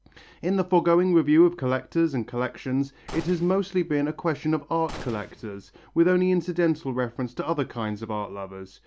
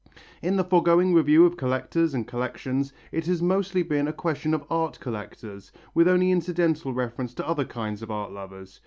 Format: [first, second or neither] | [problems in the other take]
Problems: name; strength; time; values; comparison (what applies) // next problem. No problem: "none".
second | background sound (Gunshot, gunfire); 18 dB below the speech